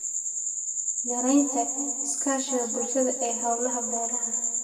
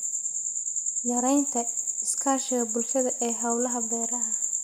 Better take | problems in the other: second | room echo; dies away in 1.8 s

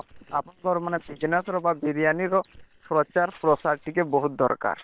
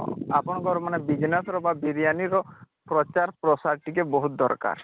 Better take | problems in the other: second | noise reduction (neural separator model SepFormer WHAM!)

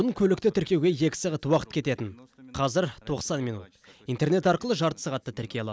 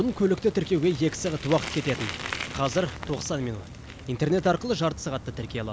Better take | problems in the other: first | background sound (Bicycle); 11 dB below the speech

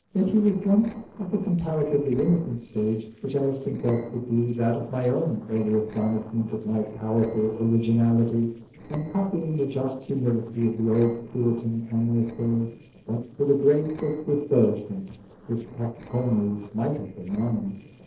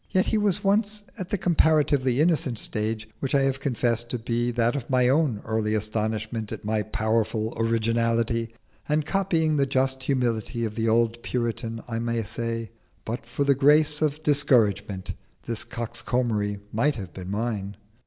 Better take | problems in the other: second | noise reduction (neural separator model SepFormer DNS4)

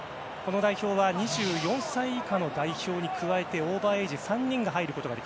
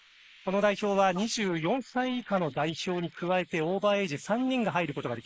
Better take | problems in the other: first | noise reduction (neural mask model Resemble Enhance denoiser)

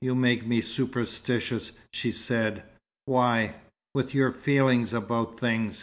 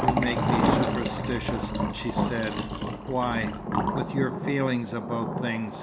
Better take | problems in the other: first | background sound (Liquid + Thunder); 2 dB above the speech

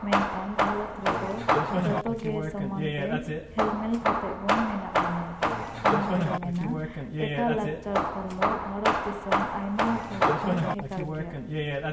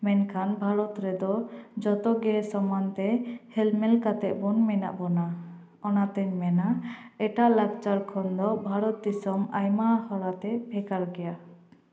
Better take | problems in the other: second | background sound (Hammer / Wood); 4 dB above the speech

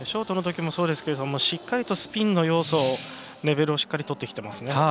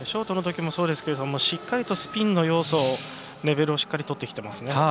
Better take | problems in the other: first | background sound (Race car, auto racing / Accelerating, revving, vroom); 19 dB below the speech

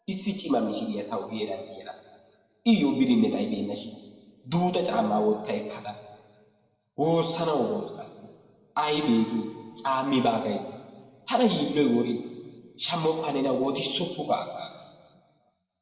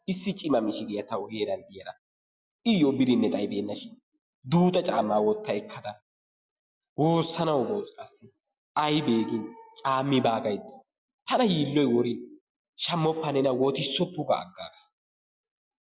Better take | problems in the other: second | room echo; dies away in 1.6 s

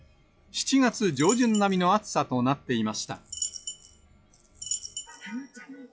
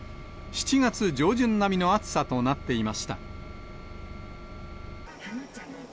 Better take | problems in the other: second | noise reduction (classical method log-MMSE)

